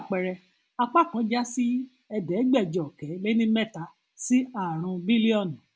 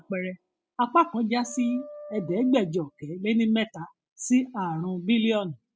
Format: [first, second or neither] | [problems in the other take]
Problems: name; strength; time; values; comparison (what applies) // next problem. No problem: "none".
first | noise reduction (classical method spectral subtraction)